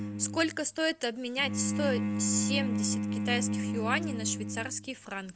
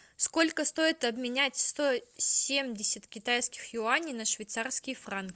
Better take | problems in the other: second | background sound (Bowed string instrument); as loud as the speech

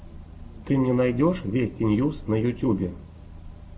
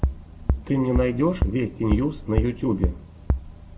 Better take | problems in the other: first | background sound (Bass drum); 2 dB below the speech

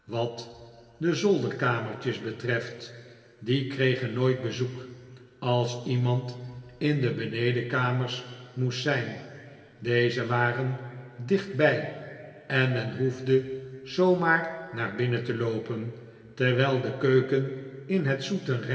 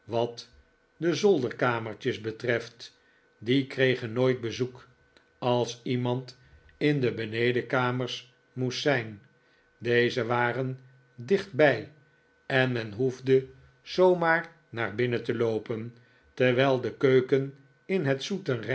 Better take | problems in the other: second | room echo; dies away in 2.6 s

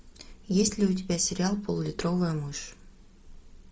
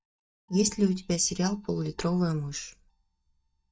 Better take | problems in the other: first | noise reduction (neural mask model DeepFilterNet 3)

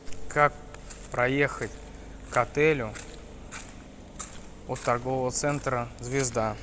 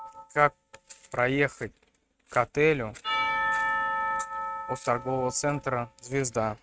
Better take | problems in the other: first | noise reduction (neural mask model RNNoise)

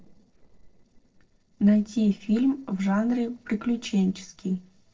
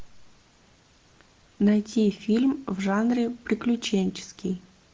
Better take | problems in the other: second | noise reduction (neural separator model SepFormer DNS4)

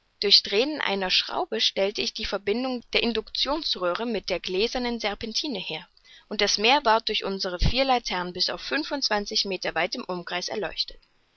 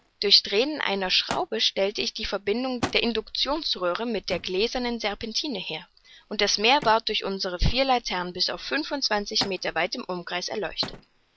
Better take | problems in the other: first | background sound (Thump, thud); 17 dB below the speech

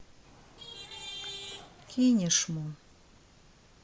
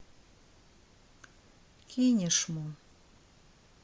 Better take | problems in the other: second | background sound (Traffic noise, roadway noise / Vehicle horn, car horn, honking); 12 dB below the speech

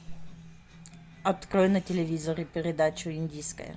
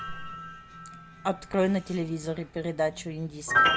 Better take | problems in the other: first | background sound (Piano); as loud as the speech

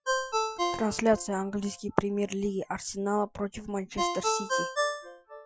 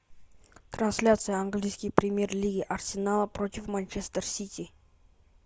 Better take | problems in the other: second | noise reduction (classical method Wiener filter)

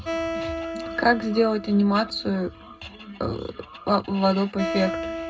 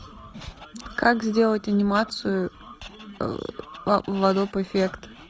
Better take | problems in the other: second | background sound (Acoustic guitar); 8 dB below the speech // room echo; dies away in 0.2 s

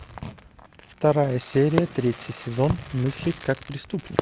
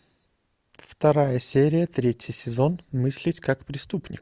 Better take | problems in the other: second | background sound (Fireworks); 8 dB below the speech

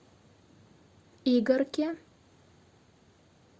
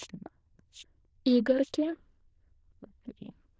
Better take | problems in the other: first | noise reduction (neural diffusion model UNIVERSE++)

